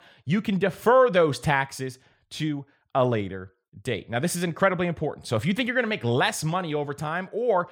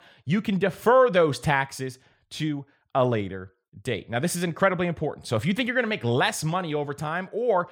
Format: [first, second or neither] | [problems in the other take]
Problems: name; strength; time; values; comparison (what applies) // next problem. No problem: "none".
neither | none